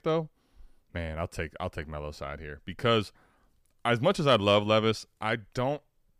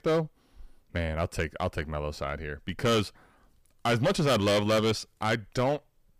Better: first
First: none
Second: distortion; heavy; 8% of the sound clipped

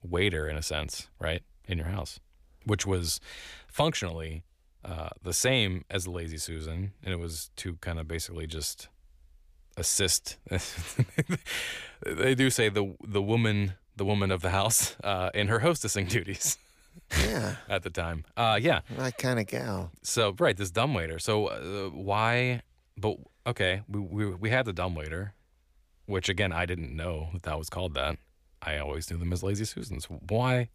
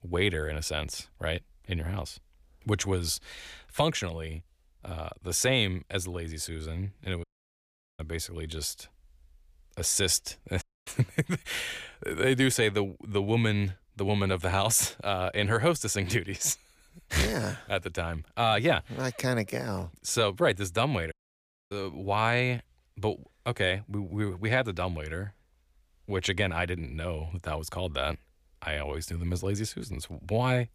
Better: first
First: none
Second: audio cutting out; at 7 s for 1 s, at 11 s and at 21 s for 0.5 s

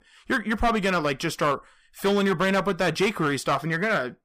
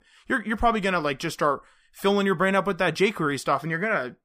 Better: second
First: distortion; slight; 9% of the sound clipped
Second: none

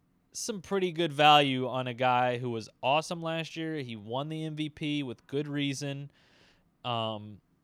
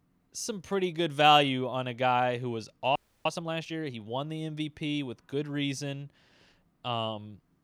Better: first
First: none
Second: audio freezing; at 3 s

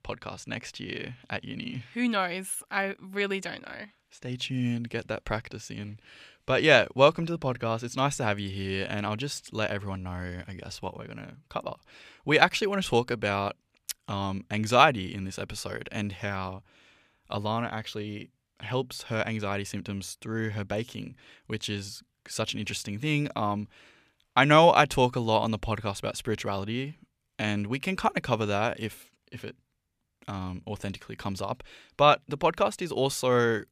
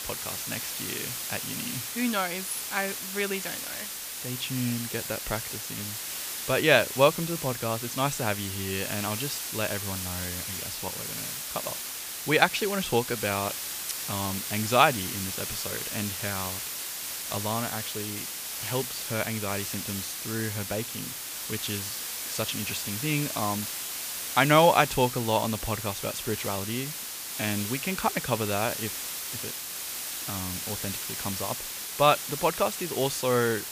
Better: first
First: none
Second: hiss; loud; throughout; 4 dB below the speech

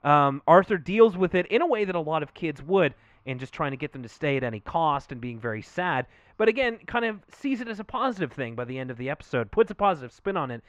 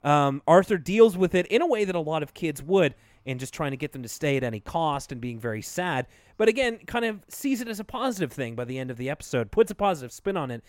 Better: second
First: muffled; slightly; fading above 3 kHz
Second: none

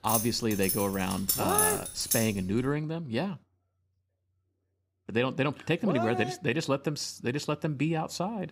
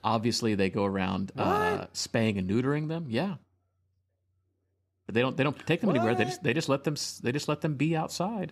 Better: second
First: jangling keys; loud; until 2.5 s; peak 4 dB above the speech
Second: none

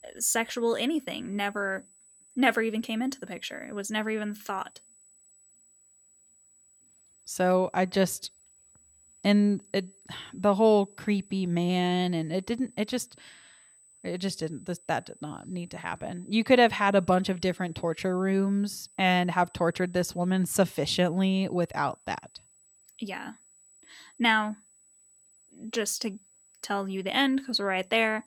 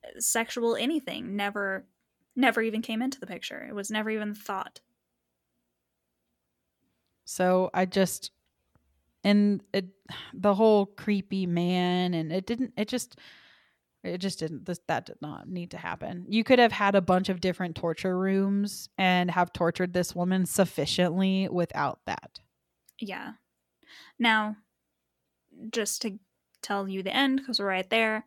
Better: second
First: high-pitched whine; faint; throughout; 8 kHz, 30 dB below the speech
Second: none

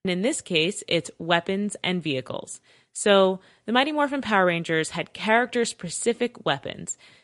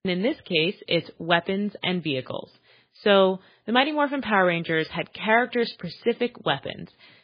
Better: first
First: garbled, watery; slightly; nothing above 10.5 kHz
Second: garbled, watery; badly; nothing above 4 kHz

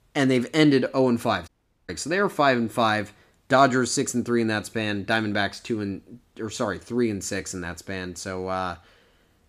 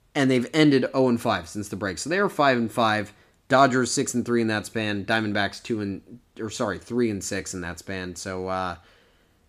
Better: second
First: audio cutting out; at 1.5 s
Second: none

